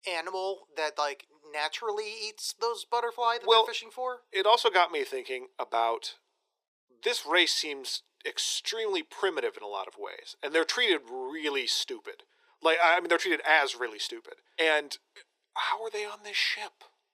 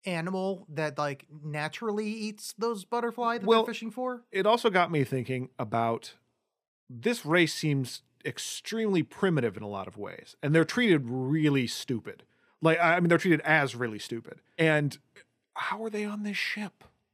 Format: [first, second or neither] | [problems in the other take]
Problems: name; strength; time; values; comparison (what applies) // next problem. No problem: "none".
second | thin; very; fading below 400 Hz